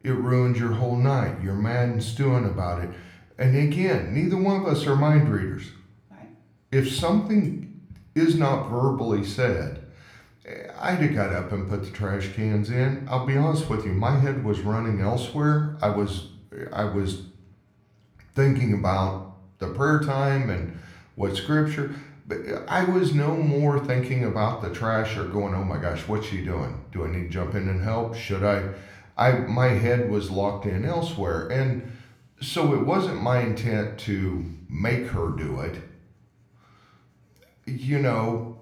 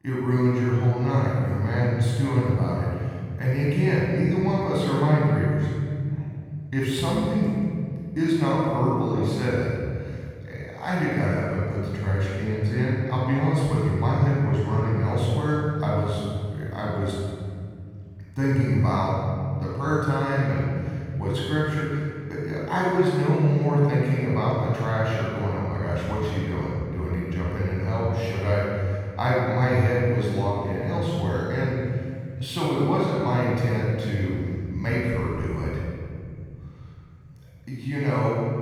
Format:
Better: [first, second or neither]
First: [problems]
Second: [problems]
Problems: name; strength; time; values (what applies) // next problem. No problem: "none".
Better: first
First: room echo; slight; dies away in 0.5 s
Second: room echo; strong; dies away in 2.5 s // off-mic speech; far